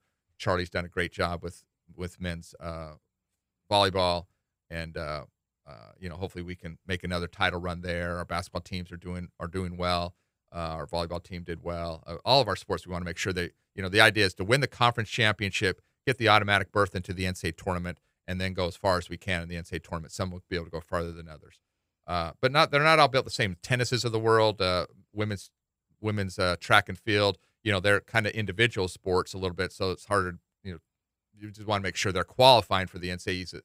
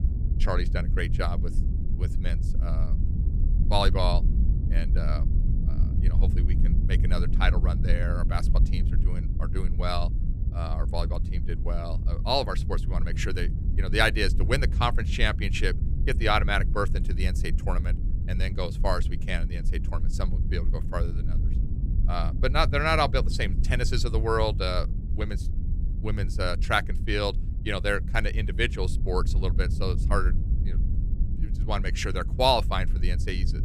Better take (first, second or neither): first